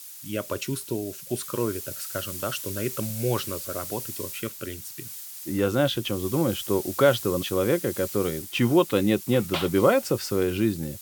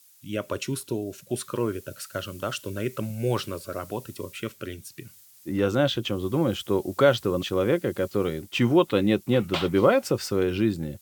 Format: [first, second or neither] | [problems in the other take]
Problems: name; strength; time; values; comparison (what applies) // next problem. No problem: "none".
second | hiss; loud; throughout; 9 dB below the speech; faint in the second